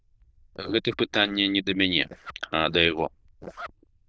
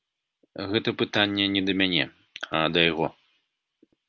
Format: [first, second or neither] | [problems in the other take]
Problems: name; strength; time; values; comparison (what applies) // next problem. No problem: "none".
second | noise reduction (neural diffusion model UNIVERSE++)